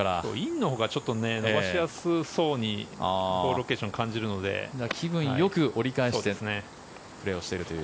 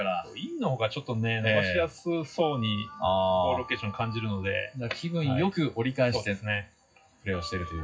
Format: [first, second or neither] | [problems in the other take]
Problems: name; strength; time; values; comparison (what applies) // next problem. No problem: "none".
first | noise reduction (classical method WPE with log-MMSE)